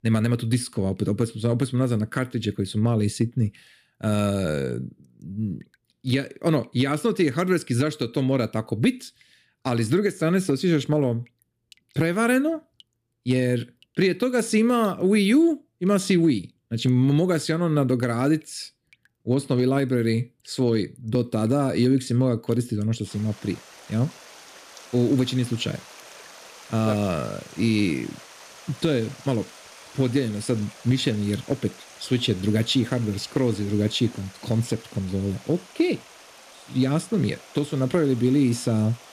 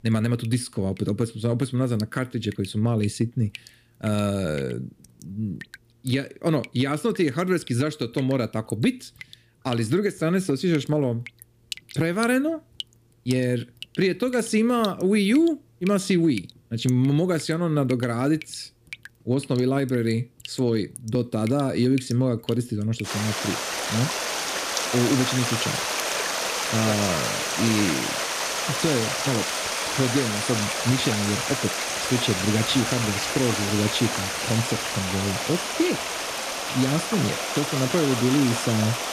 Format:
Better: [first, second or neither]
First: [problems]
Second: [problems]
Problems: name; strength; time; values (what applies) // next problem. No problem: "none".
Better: first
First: rain or running water; faint; throughout; 20 dB below the speech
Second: rain or running water; loud; throughout; 1 dB below the speech